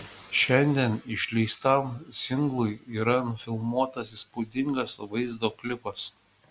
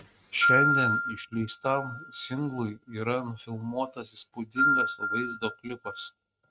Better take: first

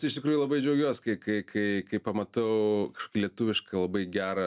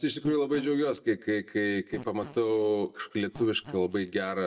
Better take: first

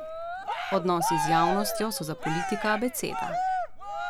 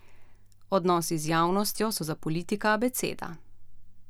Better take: second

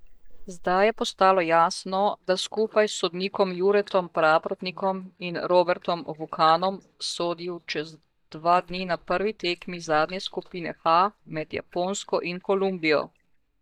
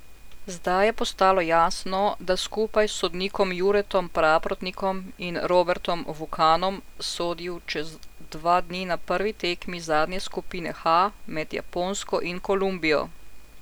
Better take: second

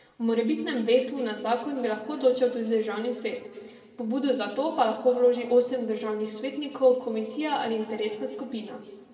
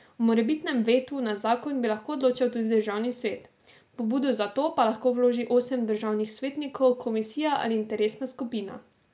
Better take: second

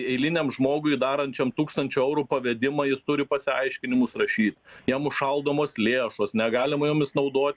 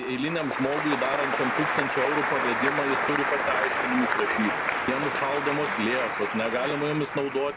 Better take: first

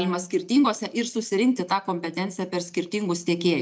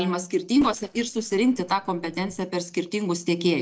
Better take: first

